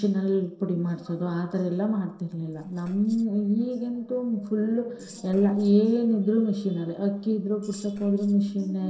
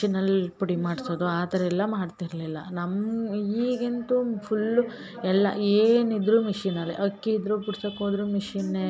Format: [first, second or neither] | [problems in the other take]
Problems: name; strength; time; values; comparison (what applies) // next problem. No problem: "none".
second | noise reduction (neural separator model SepFormer DNS4)